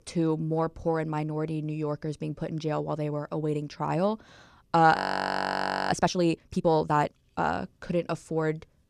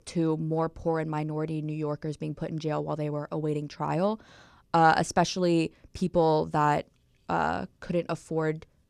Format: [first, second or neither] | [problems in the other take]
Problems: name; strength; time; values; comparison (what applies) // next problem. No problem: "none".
second | audio freezing; at 5 s for 1 s